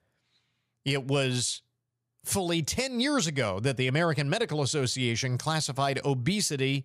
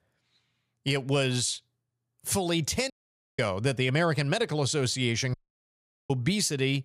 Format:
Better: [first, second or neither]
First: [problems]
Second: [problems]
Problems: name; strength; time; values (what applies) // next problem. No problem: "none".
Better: first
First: none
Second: audio cutting out; at 3 s and at 5.5 s for 1 s